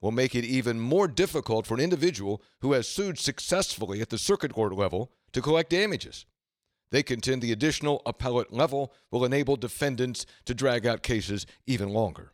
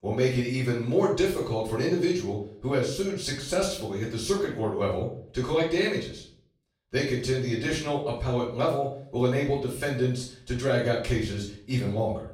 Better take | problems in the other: first | off-mic speech; far // room echo; noticeable; dies away in 0.5 s

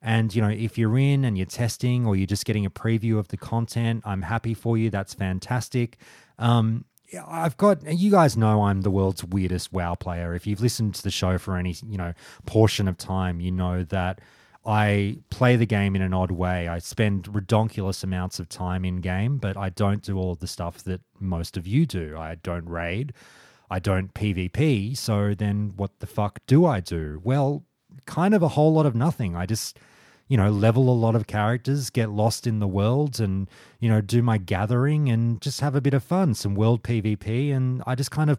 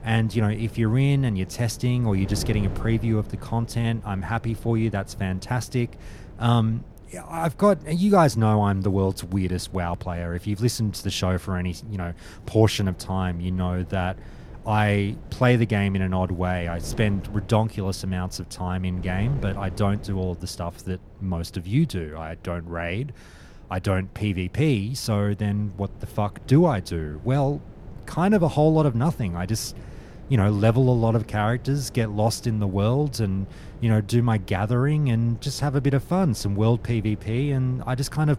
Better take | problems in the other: first | wind noise on the microphone; occasional gusts; 20 dB below the speech

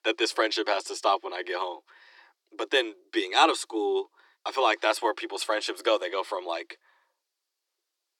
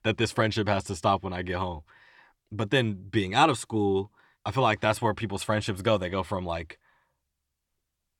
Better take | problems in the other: second | thin; very; fading below 350 Hz

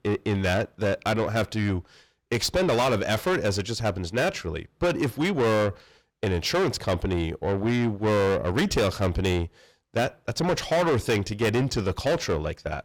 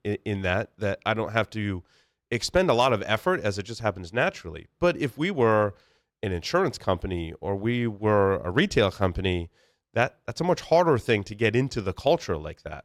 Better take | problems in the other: second | distortion; heavy; 6 dB below the speech

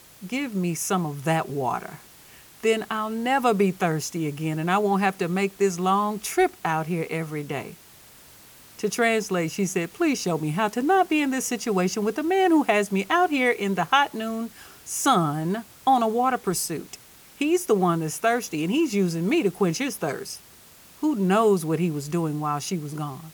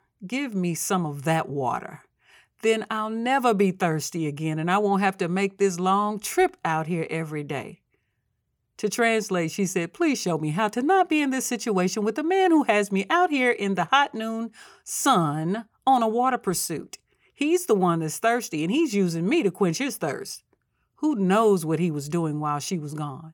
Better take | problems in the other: second | hiss; faint; throughout; 25 dB below the speech

